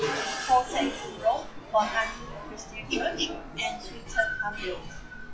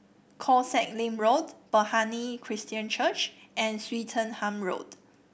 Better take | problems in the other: second | noise reduction (classical method log-MMSE)

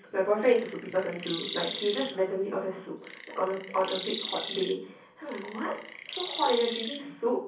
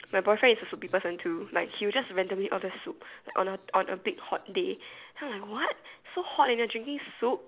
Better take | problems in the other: second | background sound (Chirp, tweet); 8 dB below the speech // room echo; dies away in 0.6 s

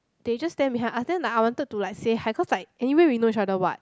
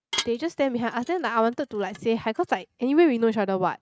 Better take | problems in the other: first | noise reduction (neural mask model RNNoise)

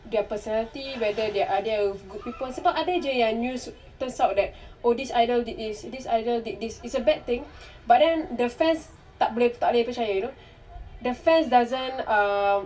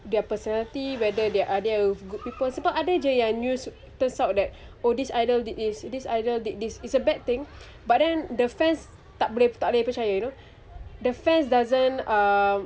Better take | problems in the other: second | room echo; dies away in 0.2 s

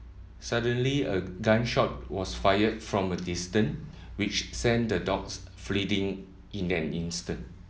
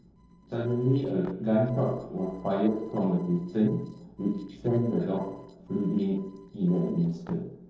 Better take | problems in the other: first | noise reduction (neural separator model SepFormer DNS4)

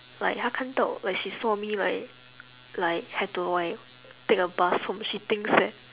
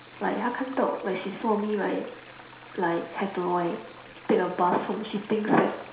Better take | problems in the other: first | background sound (Stream); 20 dB below the speech // room echo; dies away in 0.7 s

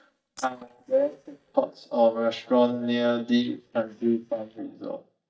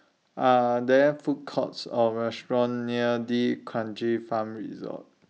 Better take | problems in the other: second | noise reduction (neural mask model DeepFilterNet 3)

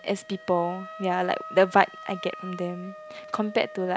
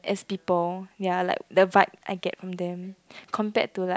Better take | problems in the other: second | background sound (Wind instrument, woodwind instrument); 15 dB below the speech

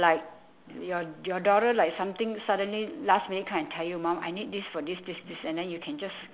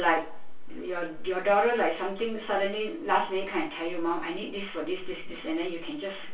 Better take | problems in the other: first | room echo; dies away in 0.2 s

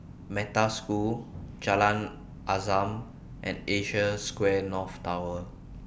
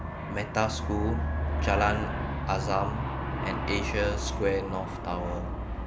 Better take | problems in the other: first | background sound (Aircraft); as loud as the speech

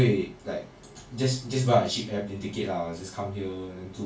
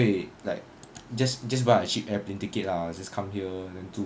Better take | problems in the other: second | room echo; dies away in 0.2 s

